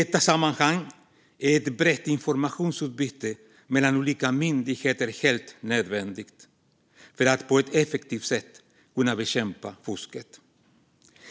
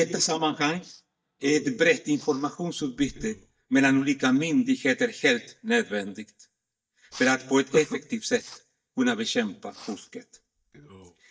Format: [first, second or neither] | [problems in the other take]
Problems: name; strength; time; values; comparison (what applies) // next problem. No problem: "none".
first | noise reduction (neural mask model DeepFilterNet 3)